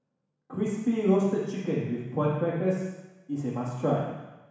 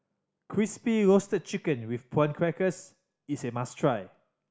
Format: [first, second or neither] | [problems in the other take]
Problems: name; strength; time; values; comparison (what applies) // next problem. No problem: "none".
second | room echo; dies away in 1.1 s